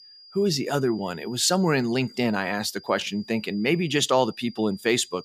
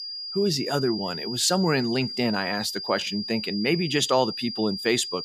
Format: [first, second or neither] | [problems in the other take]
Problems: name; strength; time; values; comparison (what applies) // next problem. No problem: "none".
first | high-pitched whine; loud; throughout; 5 kHz, 6 dB below the speech; faint in the first